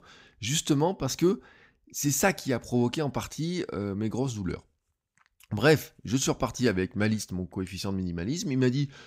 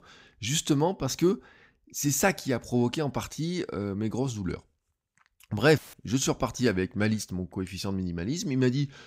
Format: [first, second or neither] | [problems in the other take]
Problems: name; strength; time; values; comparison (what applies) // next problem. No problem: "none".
first | audio cutting out; filled with static; at 6 s